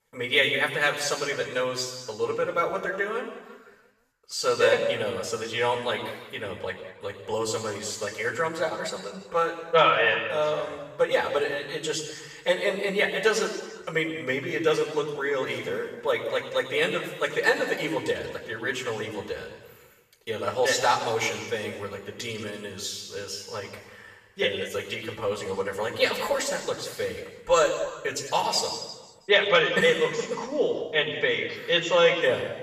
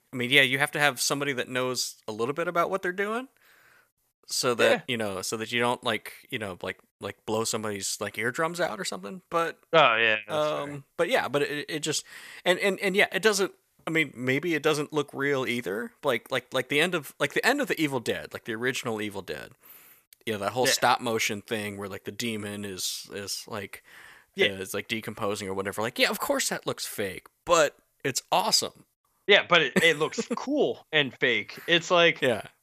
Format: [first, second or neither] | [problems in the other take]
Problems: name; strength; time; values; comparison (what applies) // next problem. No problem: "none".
second | room echo; noticeable; dies away in 1.3 s // off-mic speech; far